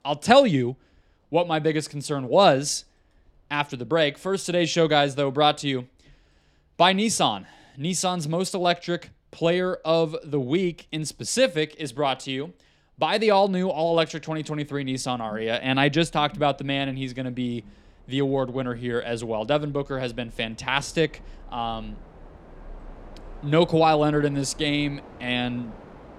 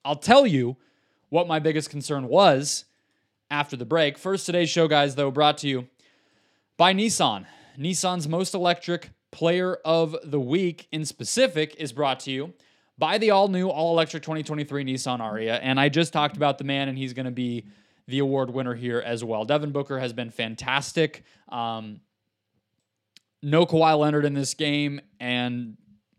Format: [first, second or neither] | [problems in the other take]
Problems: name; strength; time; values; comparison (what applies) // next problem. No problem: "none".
second | train or aircraft noise; faint; throughout; 25 dB below the speech